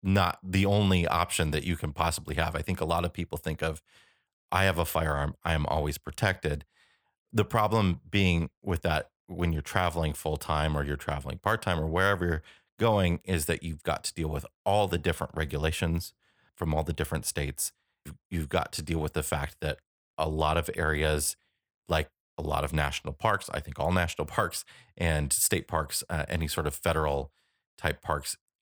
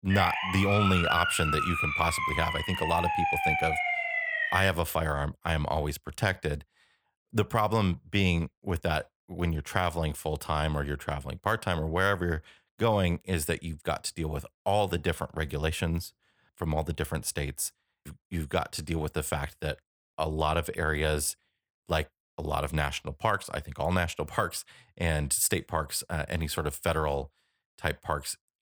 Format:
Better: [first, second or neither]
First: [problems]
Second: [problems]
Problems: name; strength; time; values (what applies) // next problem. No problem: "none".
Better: first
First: none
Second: siren; loud; until 4.5 s; peak 4 dB above the speech